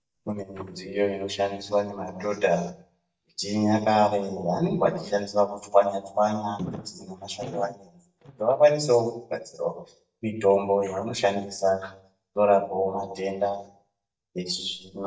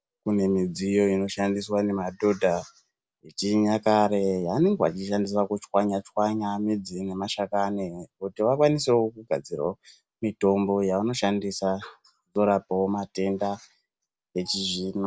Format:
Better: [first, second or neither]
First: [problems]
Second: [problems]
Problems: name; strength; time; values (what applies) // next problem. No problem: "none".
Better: second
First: noise reduction (neural mask model DeepFilterNet 3)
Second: none